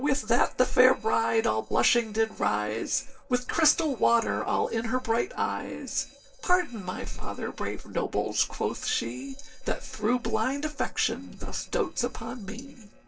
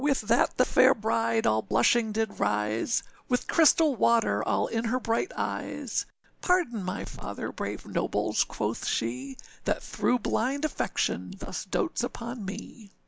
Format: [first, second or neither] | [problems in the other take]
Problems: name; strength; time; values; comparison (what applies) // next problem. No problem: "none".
second | noise reduction (neural separator model SepFormer DNS4)